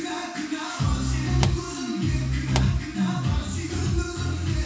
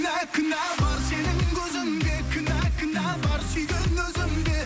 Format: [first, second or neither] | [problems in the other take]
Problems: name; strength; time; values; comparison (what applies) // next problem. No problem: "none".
second | background sound (Explosion); 13 dB below the speech // room echo; dies away in 0.6 s